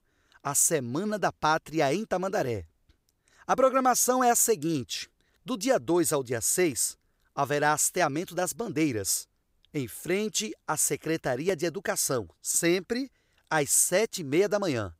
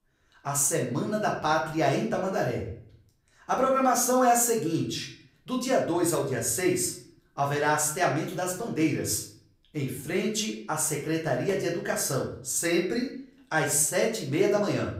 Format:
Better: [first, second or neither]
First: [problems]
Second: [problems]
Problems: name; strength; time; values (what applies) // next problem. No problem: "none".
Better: first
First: none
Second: off-mic speech; far // room echo; slight; dies away in 0.5 s